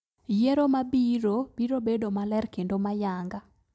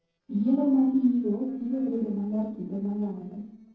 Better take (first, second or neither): first